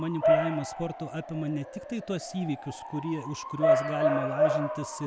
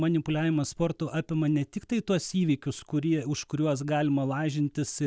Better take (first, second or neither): second